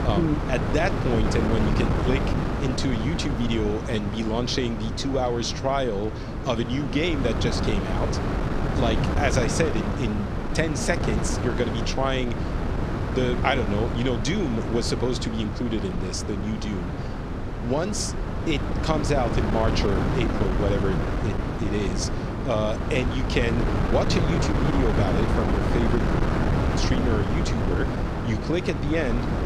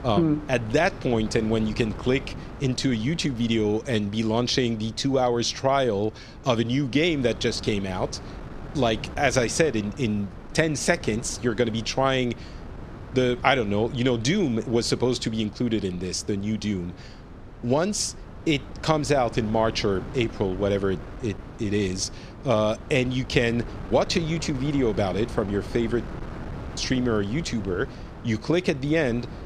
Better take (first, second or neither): second